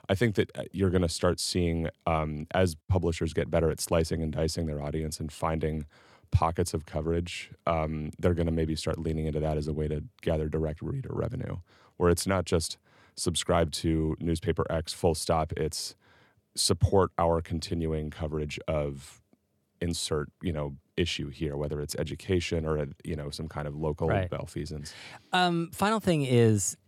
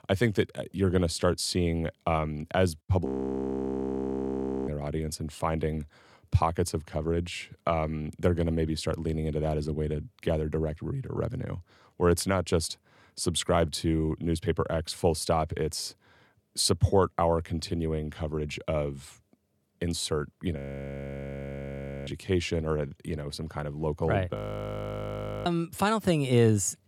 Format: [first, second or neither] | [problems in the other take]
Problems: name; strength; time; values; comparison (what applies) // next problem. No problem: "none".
first | audio freezing; at 3 s for 1.5 s, at 21 s for 1.5 s and at 24 s for 1 s